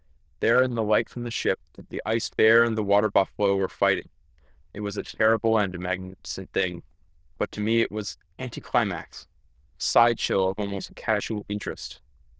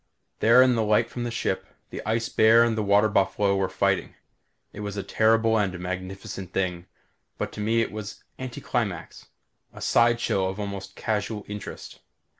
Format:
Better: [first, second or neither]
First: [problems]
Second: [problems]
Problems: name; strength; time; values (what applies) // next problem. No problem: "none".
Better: second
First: noise reduction (neural diffusion model UNIVERSE++)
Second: none